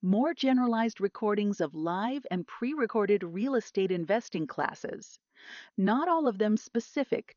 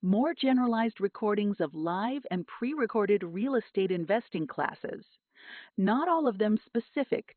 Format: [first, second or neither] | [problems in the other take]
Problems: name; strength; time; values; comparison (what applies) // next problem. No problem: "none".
first | garbled, watery; badly; nothing above 4 kHz; slightly in the first